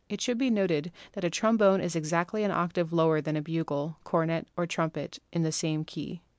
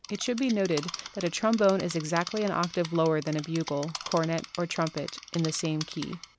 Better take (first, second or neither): first